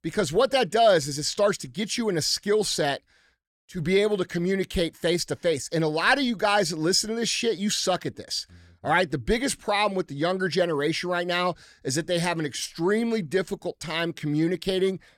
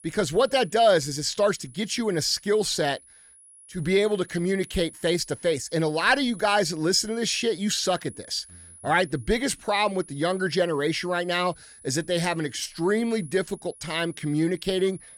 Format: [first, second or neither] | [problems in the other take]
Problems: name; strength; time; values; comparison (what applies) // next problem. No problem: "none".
first | high-pitched whine; faint; throughout; 10 kHz, 20 dB below the speech